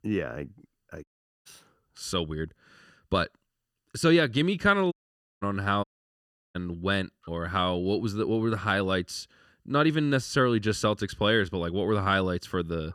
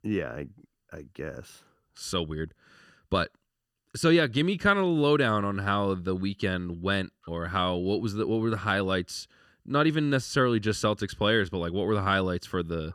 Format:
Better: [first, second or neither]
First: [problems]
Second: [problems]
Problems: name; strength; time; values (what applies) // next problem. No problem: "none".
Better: second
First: audio cutting out; at 1 s, at 5 s and at 6 s for 0.5 s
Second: none